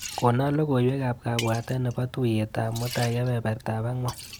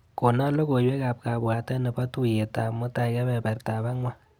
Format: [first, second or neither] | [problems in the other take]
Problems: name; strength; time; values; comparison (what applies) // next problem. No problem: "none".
second | background sound (Liquid); 15 dB below the speech